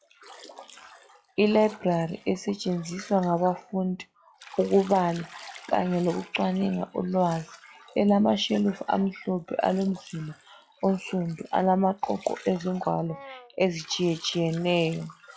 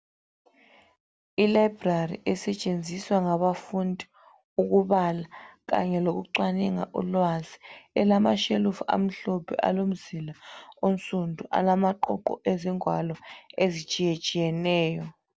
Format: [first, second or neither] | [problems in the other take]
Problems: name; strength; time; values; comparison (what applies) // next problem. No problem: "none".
second | noise reduction (classical method log-MMSE)